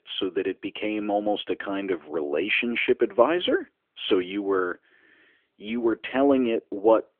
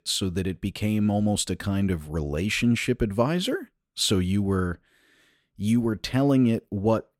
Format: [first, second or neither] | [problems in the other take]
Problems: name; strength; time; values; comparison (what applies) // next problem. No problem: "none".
second | phone-call audio; nothing above 3.5 kHz